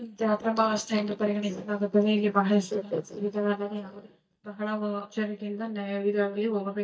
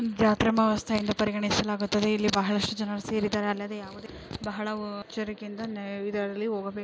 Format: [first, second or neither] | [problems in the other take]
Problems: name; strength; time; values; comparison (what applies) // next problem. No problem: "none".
second | noise reduction (neural mask model DeepFilterNet 3)